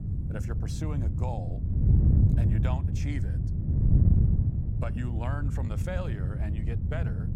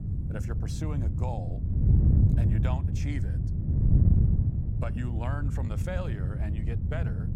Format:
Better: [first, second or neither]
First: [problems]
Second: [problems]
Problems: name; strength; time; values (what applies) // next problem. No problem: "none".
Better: neither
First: wind noise on the microphone; heavy; as loud as the speech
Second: wind noise on the microphone; heavy; as loud as the speech